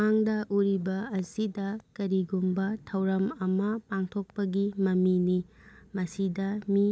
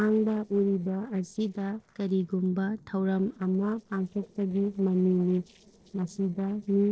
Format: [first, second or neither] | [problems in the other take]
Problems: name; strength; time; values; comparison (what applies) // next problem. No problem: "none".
first | noise reduction (neural separator model SepFormer DNS4)